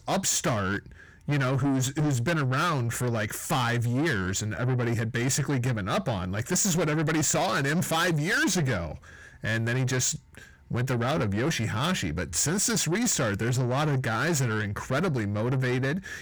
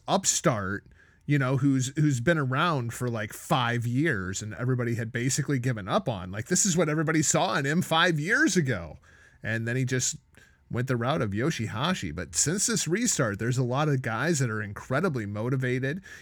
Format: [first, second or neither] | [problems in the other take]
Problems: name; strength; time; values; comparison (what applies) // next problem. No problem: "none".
second | distortion; heavy; 8 dB below the speech